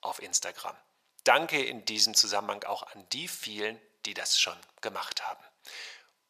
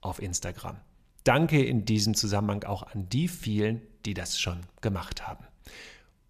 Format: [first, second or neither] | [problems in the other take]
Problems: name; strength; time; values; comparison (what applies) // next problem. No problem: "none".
second | thin; very; fading below 700 Hz